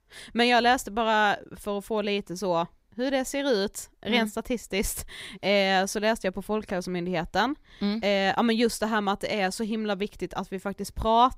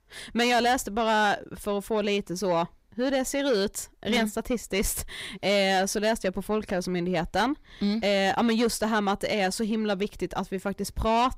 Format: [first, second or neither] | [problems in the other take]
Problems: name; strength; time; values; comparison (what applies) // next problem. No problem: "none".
first | distortion; slight; 10 dB below the speech